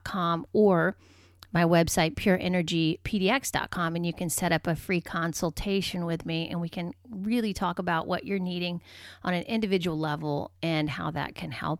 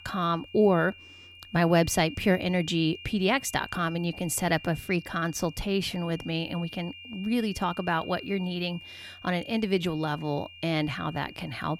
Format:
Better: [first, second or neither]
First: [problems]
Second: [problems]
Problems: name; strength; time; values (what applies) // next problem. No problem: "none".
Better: first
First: none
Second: high-pitched whine; noticeable; throughout; 3 kHz, 15 dB below the speech